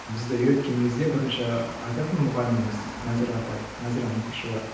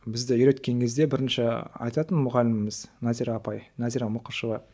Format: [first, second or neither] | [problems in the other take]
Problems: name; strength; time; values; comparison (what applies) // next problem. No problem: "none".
second | background sound (Water); 11 dB below the speech // room echo; dies away in 0.9 s